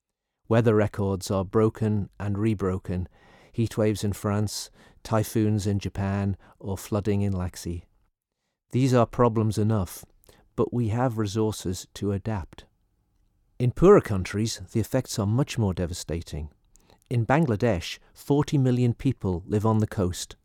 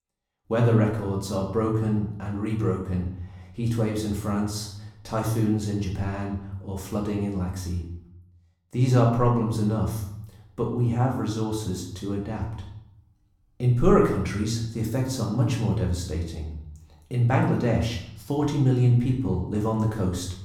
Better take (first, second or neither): first